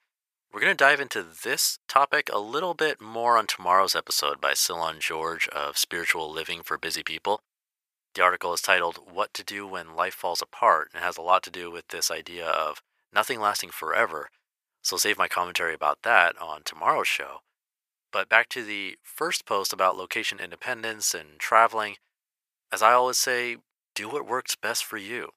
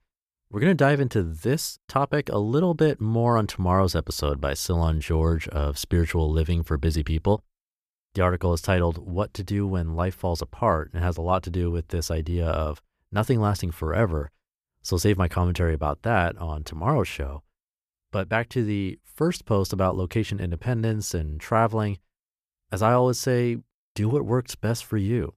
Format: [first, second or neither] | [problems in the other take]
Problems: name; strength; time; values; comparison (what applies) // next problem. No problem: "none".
second | thin; very; fading below 900 Hz